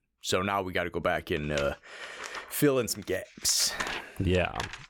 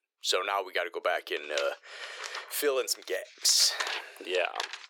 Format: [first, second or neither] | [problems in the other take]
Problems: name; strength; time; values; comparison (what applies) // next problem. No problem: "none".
first | thin; very; fading below 400 Hz